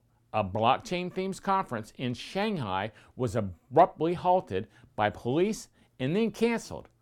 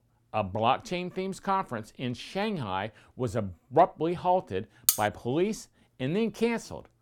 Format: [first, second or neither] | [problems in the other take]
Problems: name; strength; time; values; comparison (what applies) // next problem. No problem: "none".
first | clattering dishes; loud; at 5 s; peak 4 dB above the speech